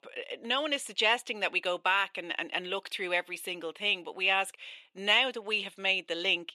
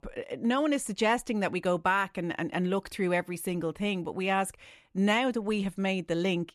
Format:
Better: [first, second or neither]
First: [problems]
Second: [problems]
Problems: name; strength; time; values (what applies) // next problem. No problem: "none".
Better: second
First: thin; somewhat; fading below 500 Hz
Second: none